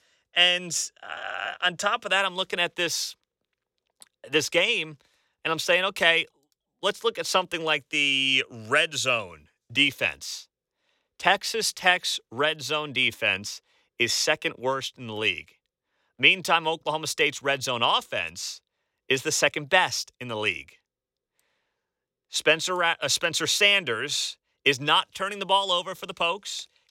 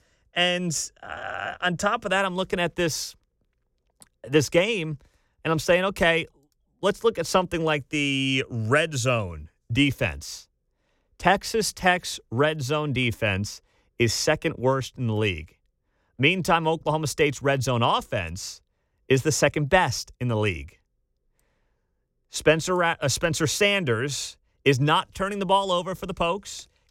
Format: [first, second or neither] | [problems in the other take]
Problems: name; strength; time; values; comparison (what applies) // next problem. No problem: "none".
second | thin; somewhat; fading below 650 Hz